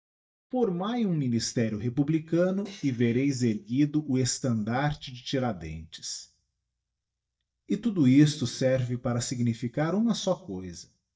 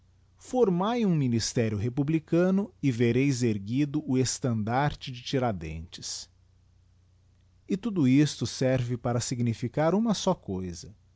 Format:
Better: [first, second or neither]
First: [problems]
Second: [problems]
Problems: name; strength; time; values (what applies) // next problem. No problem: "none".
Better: second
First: noise reduction (neural mask model DeepFilterNet 3)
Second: none